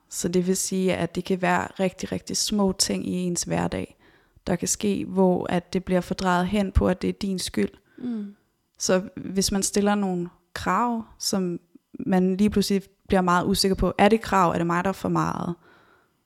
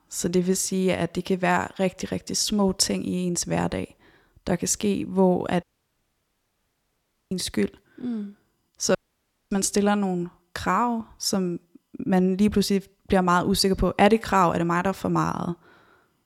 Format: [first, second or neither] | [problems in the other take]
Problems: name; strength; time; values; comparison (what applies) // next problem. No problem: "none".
first | audio cutting out; at 5.5 s for 1.5 s and at 9 s for 0.5 s